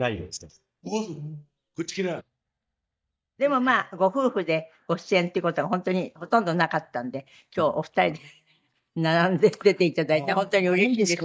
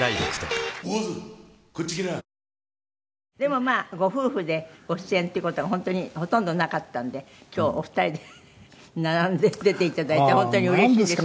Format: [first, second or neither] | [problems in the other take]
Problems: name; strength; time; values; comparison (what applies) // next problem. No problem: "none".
second | noise reduction (neural mask model DeepFilterNet 3)